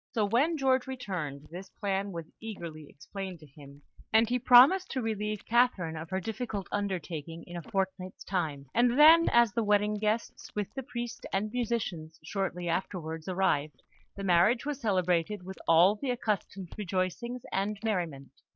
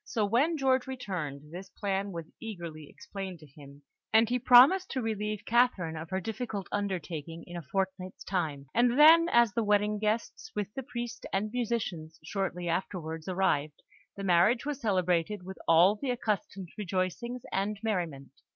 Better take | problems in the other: second | noise reduction (neural mask model DeepFilterNet 3)

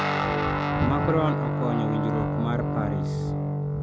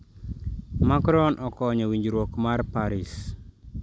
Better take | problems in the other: second | background sound (Guitar); 3 dB above the speech

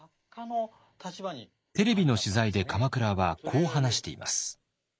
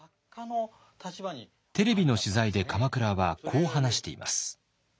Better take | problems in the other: second | noise reduction (neural mask model Resemble Enhance denoiser)

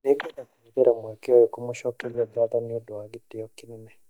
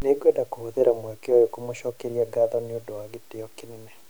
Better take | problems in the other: second | noise reduction (neural mask model DeepFilterNet 3)

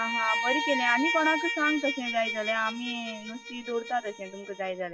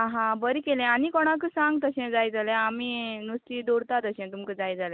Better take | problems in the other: second | noise reduction (classical method log-MMSE)

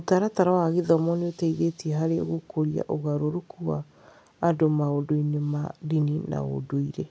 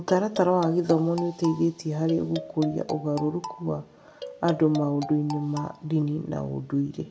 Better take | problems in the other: first | background sound (Marimba, xylophone); 14 dB below the speech // room echo; dies away in 0.4 s

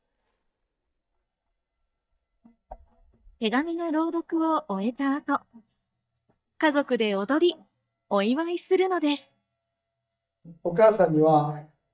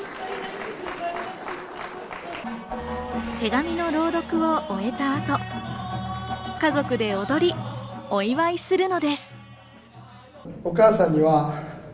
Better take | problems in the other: second | noise reduction (neural mask model DeepFilterNet 3)

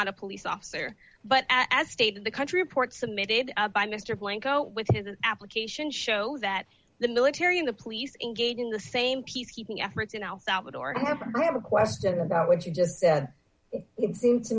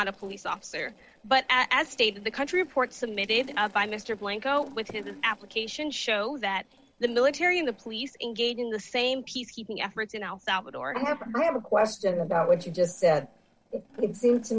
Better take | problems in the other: first | noise reduction (neural separator model SepFormer DNS4)

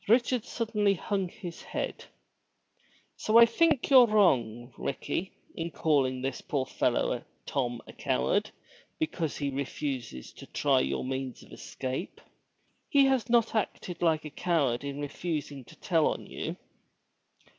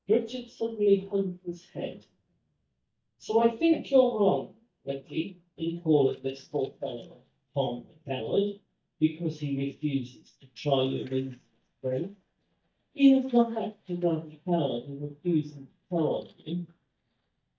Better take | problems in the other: first | noise reduction (neural mask model DeepFilterNet 3)

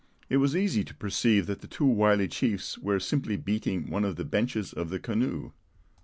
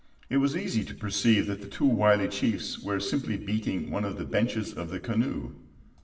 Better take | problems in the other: first | room echo; dies away in 0.8 s

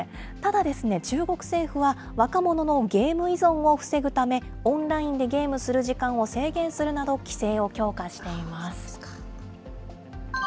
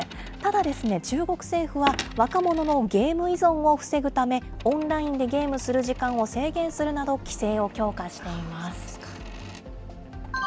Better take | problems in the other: first | background sound (Coin (dropping)); 17 dB below the speech

